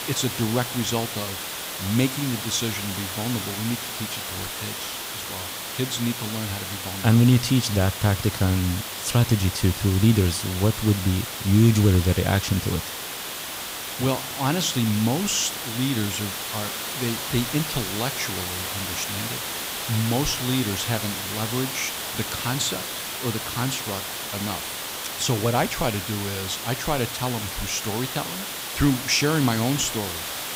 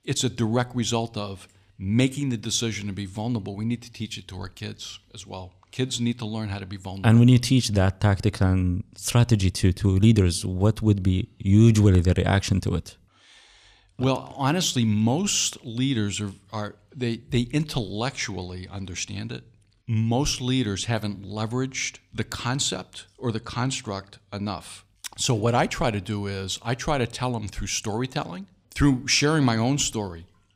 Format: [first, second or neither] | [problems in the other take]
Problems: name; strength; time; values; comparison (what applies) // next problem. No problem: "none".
second | hiss; loud; throughout; 5 dB below the speech